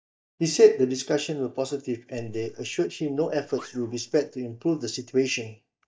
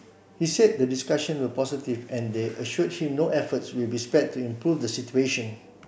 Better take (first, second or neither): second